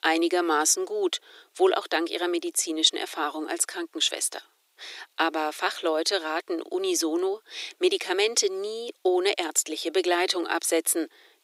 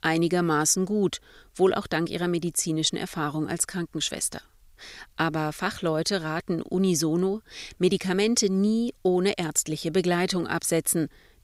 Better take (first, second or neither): second